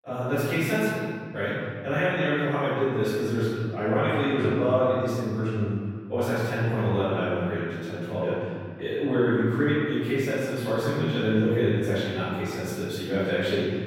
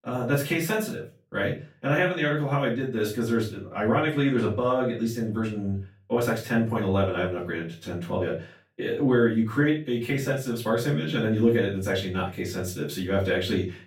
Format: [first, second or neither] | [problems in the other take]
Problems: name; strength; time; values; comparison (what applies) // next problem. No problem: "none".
second | room echo; strong; dies away in 1.9 s; slight in the second // off-mic speech; far; far in the second